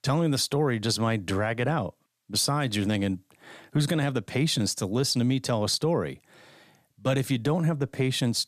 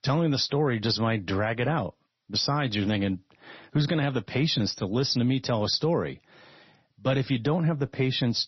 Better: first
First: none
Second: garbled, watery; slightly; nothing above 6 kHz

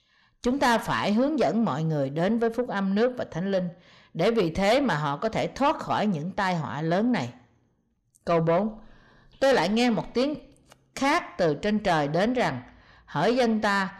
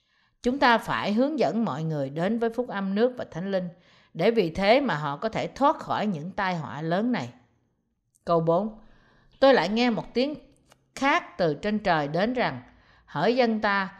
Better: second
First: distortion; slight; 10 dB below the speech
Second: none

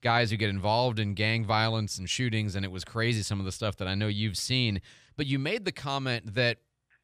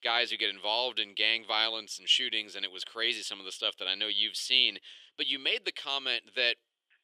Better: first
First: none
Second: thin; very; fading below 350 Hz

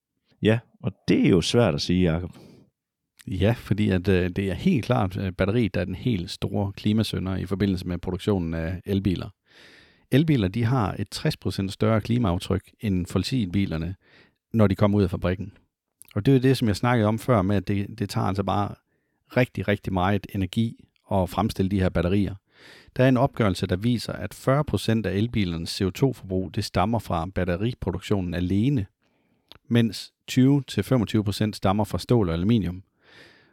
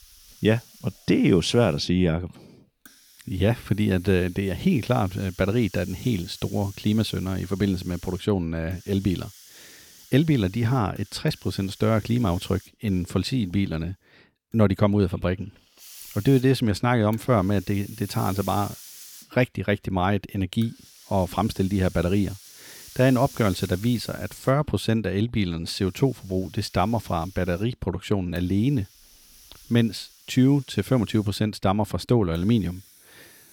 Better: first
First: none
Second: hiss; faint; throughout; 20 dB below the speech

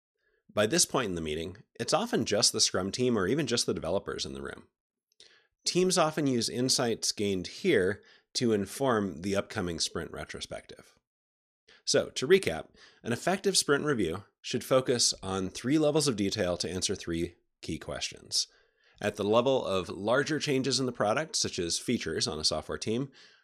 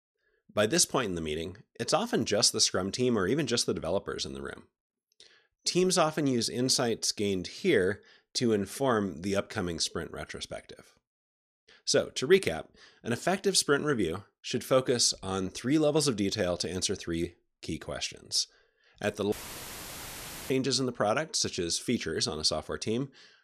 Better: first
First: none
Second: audio cutting out; filled with static; at 19 s for 1 s

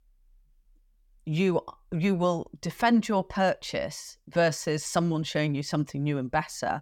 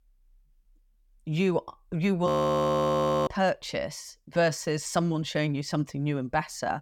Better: first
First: none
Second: audio freezing; at 2.5 s for 1 s

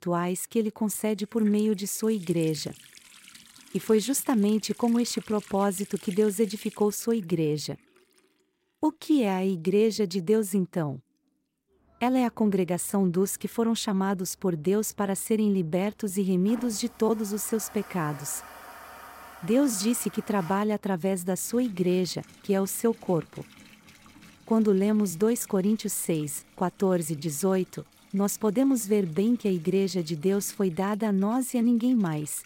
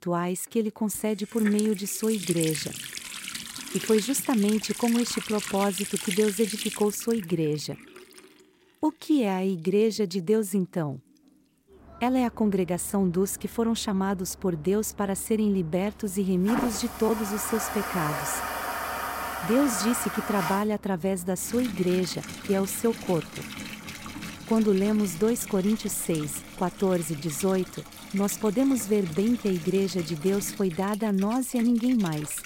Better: first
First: household noises; faint; throughout; 20 dB below the speech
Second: household noises; loud; throughout; 8 dB below the speech

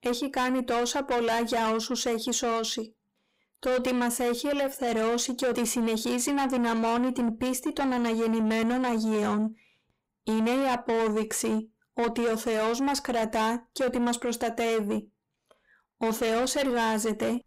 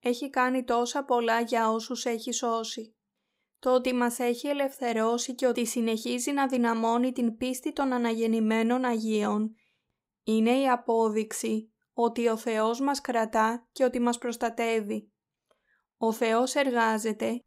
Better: second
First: distortion; heavy; 8 dB below the speech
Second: none

